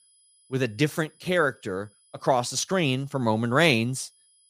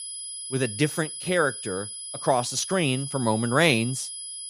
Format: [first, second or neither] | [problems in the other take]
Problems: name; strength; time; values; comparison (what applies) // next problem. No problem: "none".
first | high-pitched whine; loud; throughout; 10 kHz, 8 dB below the speech; faint in the first